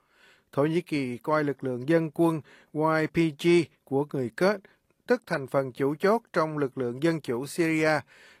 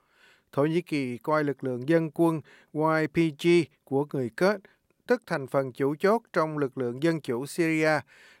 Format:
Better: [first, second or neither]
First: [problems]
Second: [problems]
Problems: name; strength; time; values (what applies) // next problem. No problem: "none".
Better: second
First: garbled, watery; slightly; nothing above 15 kHz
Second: none